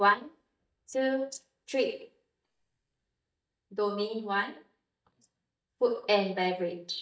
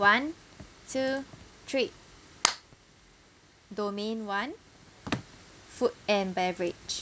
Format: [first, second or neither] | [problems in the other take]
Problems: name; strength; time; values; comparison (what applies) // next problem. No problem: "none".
second | noise reduction (neural mask model DeepFilterNet 3)